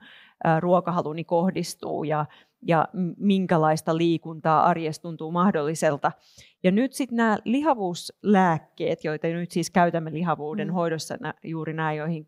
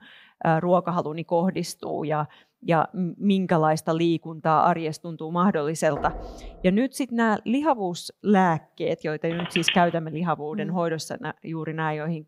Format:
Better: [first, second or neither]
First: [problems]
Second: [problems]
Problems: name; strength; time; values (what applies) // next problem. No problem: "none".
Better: first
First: none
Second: door banging; faint; at 6 s; peak 10 dB below the speech // phone ringing; loud; at 9.5 s; peak level with the speech